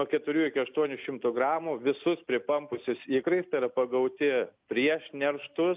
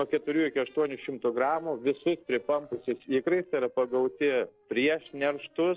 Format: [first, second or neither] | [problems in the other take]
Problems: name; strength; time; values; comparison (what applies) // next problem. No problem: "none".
first | noise reduction (neural separator model SepFormer DNS4)